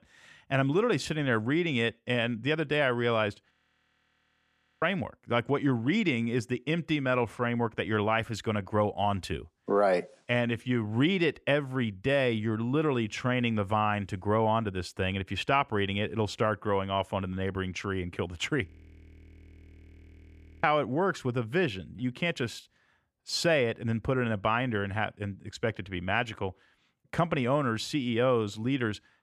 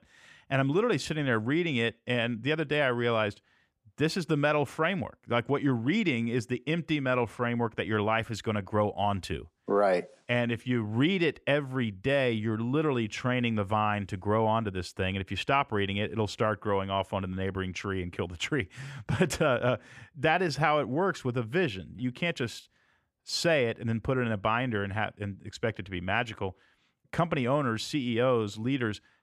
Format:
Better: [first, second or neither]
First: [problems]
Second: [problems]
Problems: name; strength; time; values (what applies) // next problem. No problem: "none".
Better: second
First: audio freezing; at 3.5 s for 1.5 s and at 19 s for 2 s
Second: none